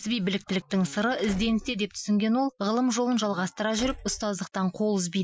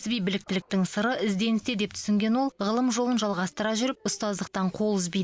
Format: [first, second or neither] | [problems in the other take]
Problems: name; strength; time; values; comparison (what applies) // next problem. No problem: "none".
second | noise reduction (classical method Wiener filter)